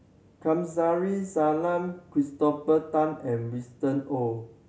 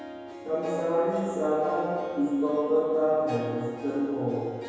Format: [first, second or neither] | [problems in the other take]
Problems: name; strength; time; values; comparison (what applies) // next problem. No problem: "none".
first | background sound (Harp); 14 dB below the speech // room echo; dies away in 1.9 s